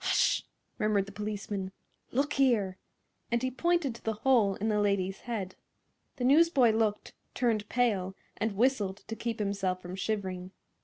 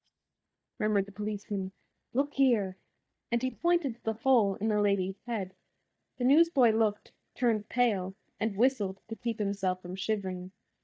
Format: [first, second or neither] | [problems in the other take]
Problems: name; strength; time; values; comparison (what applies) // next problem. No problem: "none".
first | noise reduction (neural mask model DeepFilterNet 3)